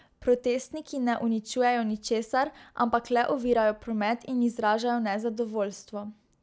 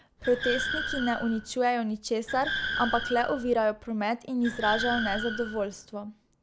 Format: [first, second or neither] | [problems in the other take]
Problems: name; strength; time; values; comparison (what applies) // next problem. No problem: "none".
first | background sound (Car); 6 dB below the speech